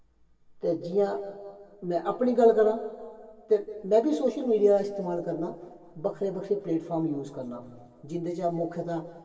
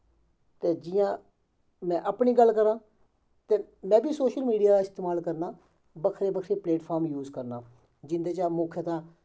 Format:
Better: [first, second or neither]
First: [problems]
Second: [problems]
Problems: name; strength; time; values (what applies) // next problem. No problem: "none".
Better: second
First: room echo; dies away in 1.9 s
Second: none